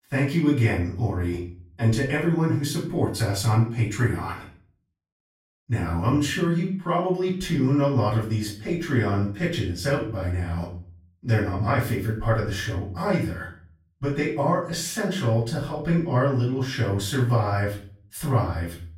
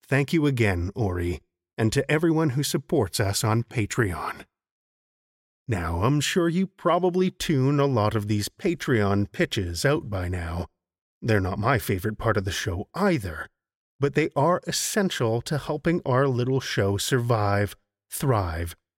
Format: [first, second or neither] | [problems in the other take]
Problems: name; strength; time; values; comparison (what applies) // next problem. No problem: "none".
second | off-mic speech; far // room echo; noticeable; dies away in 0.4 s